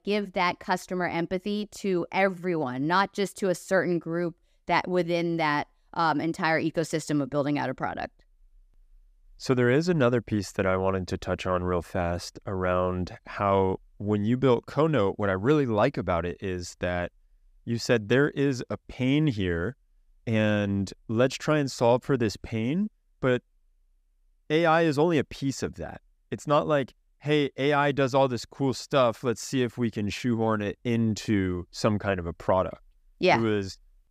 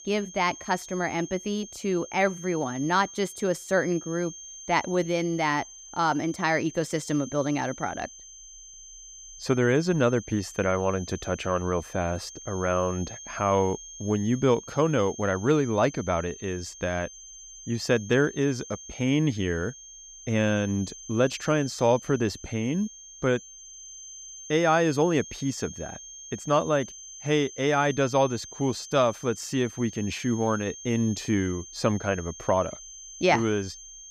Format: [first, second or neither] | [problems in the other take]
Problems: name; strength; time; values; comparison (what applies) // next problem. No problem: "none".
first | high-pitched whine; noticeable; throughout; 6.5 kHz, 15 dB below the speech